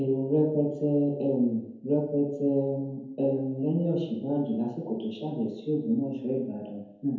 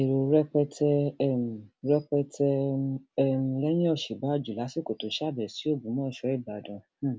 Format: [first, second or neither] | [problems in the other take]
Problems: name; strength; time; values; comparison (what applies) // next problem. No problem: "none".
second | room echo; dies away in 0.9 s